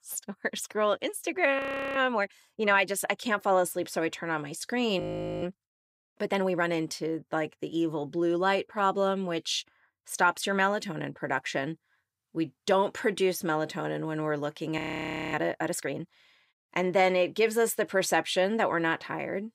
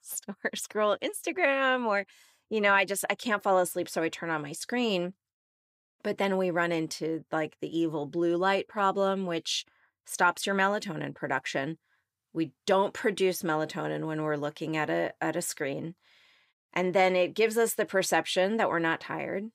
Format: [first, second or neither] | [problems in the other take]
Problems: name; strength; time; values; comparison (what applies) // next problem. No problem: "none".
second | audio freezing; at 1.5 s, at 5 s and at 15 s for 0.5 s